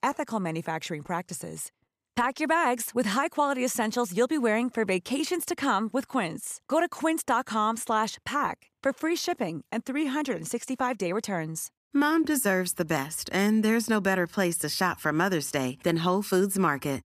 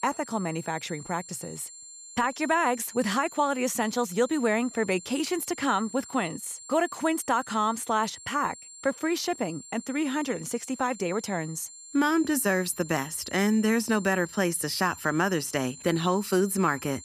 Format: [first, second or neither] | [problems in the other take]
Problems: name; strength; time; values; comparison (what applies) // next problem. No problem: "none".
first | high-pitched whine; noticeable; throughout; 7.5 kHz, 15 dB below the speech